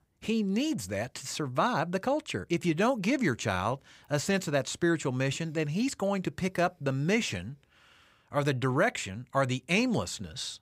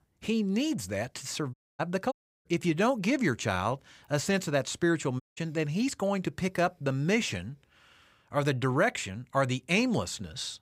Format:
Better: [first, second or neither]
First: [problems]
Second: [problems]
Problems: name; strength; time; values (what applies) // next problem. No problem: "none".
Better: first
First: none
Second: audio cutting out; at 1.5 s, at 2 s and at 5 s